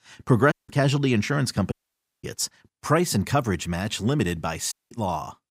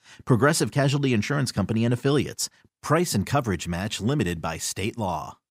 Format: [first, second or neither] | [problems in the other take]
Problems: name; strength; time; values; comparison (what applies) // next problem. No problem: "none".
second | audio cutting out; at 0.5 s, at 1.5 s for 0.5 s and at 4.5 s